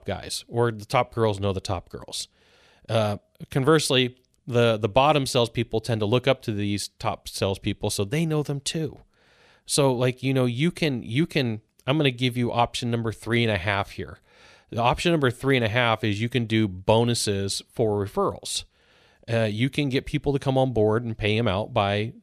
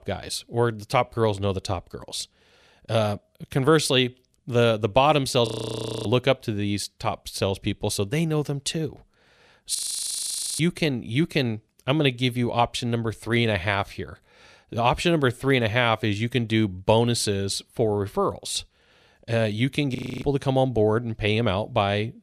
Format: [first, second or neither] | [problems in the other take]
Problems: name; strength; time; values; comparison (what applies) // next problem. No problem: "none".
first | audio freezing; at 5.5 s for 0.5 s, at 10 s for 1 s and at 20 s